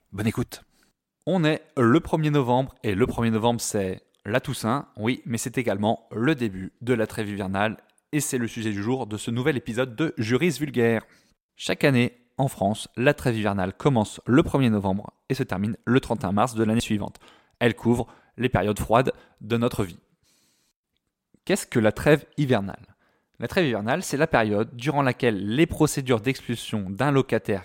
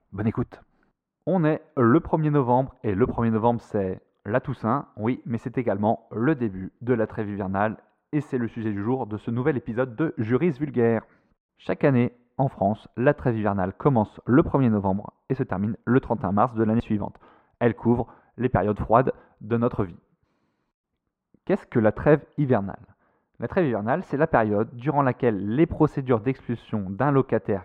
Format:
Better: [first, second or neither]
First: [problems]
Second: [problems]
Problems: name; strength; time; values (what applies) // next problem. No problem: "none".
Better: first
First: none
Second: muffled; very; fading above 3.5 kHz